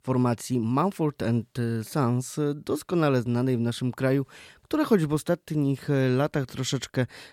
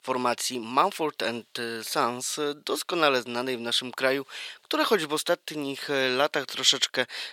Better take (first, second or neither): first